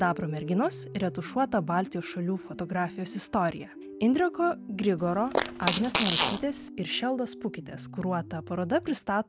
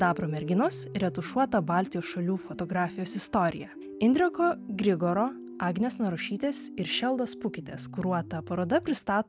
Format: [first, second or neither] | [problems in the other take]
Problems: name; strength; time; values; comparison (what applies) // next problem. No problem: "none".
second | background sound (Fart); 2 dB below the speech